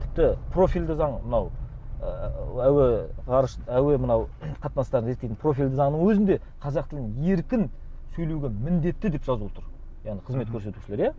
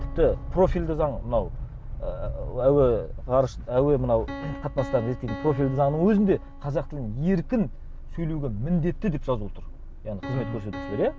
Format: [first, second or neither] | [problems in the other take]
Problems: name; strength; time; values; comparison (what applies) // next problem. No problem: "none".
first | background sound (Piano); 18 dB below the speech